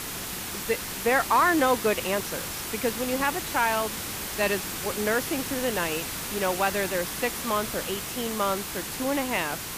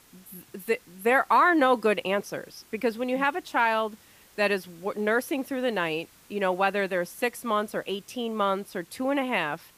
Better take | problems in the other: second | hiss; loud; throughout; 4 dB below the speech; faint in the second

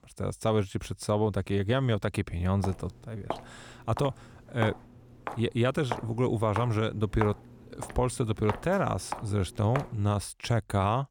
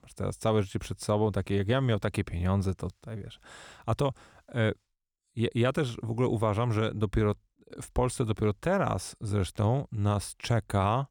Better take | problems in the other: second | footsteps; noticeable; from 2.5 to 10 s; peak 8 dB below the speech

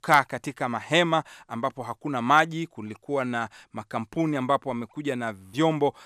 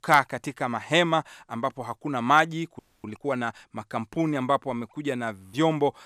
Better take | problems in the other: first | audio freezing; at 3 s

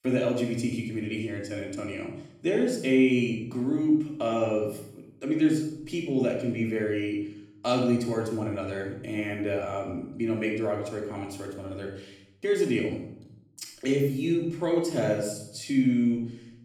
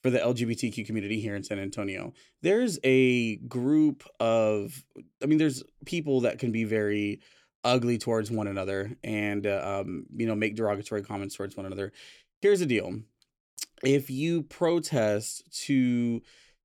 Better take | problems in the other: second | off-mic speech; far // room echo; noticeable; dies away in 0.6 s

